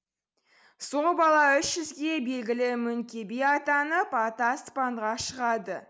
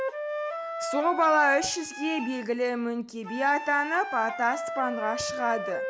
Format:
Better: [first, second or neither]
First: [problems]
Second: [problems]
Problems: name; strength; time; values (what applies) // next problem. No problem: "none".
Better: first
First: none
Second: background sound (Wind instrument, woodwind instrument); 6 dB below the speech